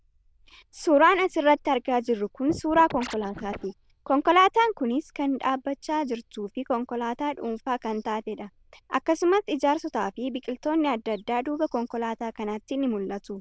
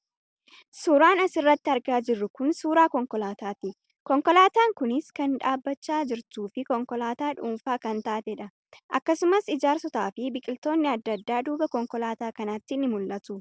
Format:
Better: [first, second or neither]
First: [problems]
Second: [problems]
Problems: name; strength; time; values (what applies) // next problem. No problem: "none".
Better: second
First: noise reduction (neural diffusion model UNIVERSE++)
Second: none